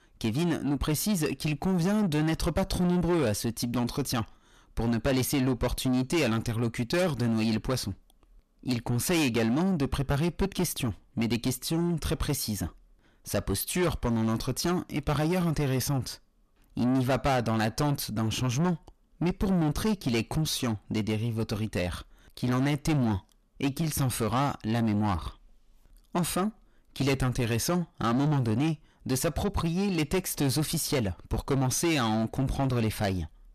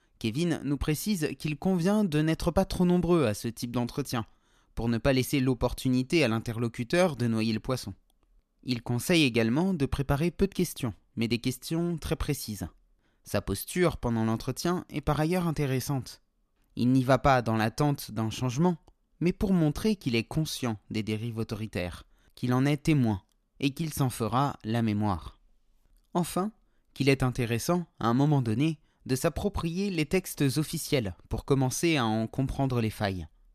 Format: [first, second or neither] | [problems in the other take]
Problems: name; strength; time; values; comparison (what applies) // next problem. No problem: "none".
second | distortion; heavy; 7 dB below the speech